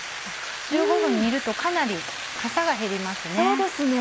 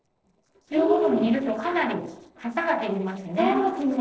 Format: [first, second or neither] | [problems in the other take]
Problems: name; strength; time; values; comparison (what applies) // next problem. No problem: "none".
first | noise reduction (neural separator model SepFormer DNS4)